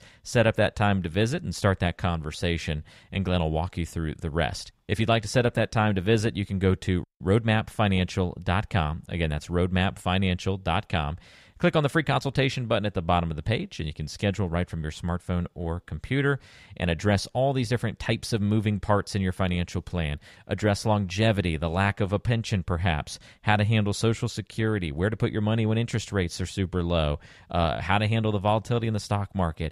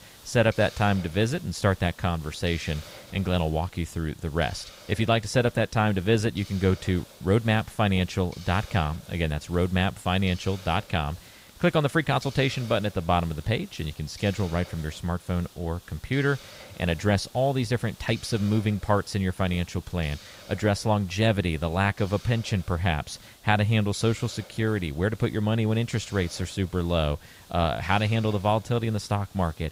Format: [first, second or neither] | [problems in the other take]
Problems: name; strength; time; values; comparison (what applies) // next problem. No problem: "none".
first | hiss; faint; throughout; 20 dB below the speech